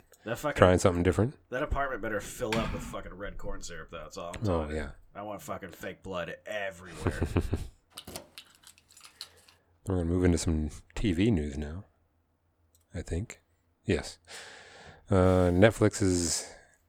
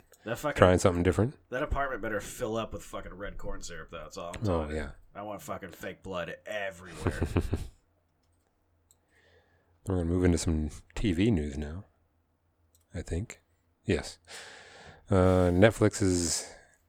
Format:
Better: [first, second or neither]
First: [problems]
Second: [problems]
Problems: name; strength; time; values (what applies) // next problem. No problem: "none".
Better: second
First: keyboard typing; noticeable; at 2.5 s; peak 5 dB below the speech // jangling keys; faint; from 8 to 9.5 s; peak 15 dB below the speech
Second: none